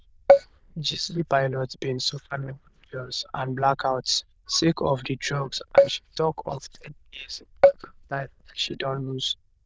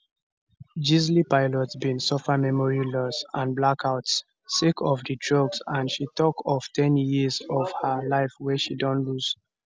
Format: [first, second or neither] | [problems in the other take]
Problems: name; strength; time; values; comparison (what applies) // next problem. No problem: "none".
second | noise reduction (neural diffusion model UNIVERSE++)